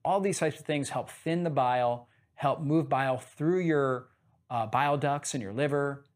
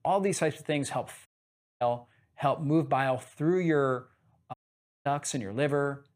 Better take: first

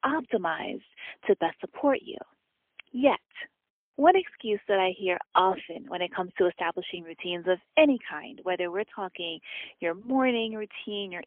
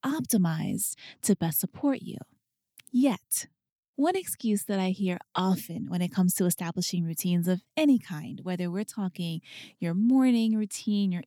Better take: second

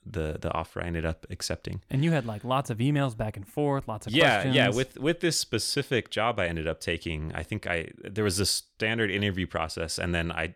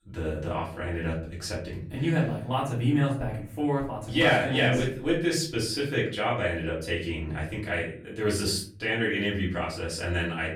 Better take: first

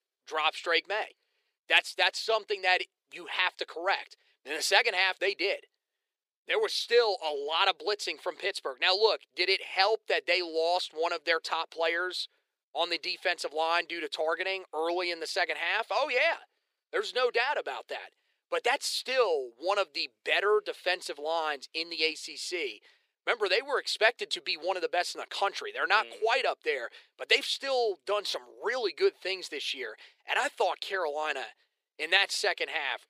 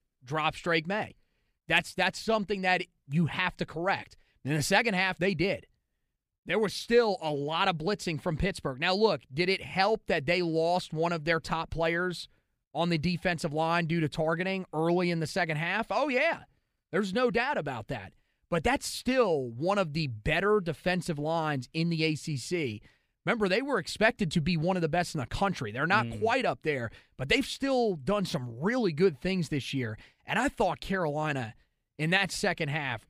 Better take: second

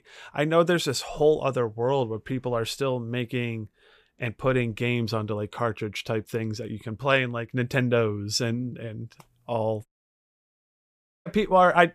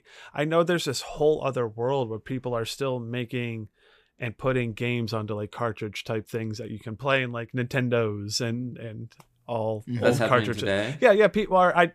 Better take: second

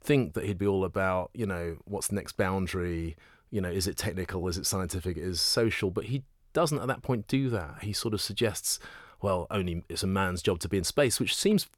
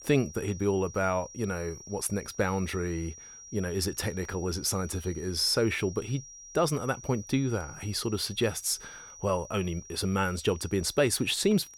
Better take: first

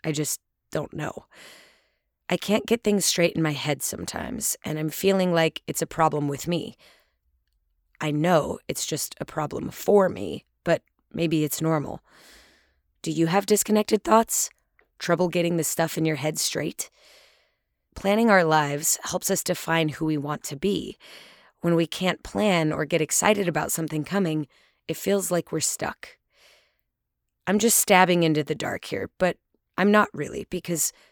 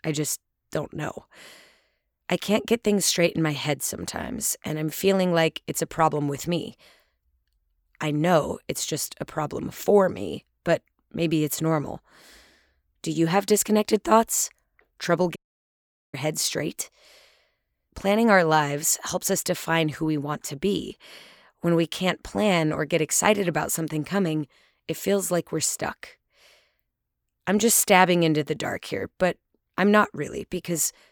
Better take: first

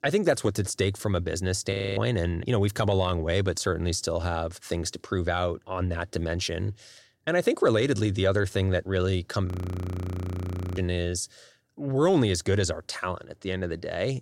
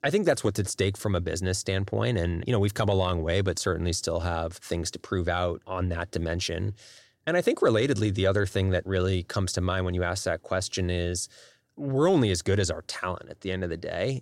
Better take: second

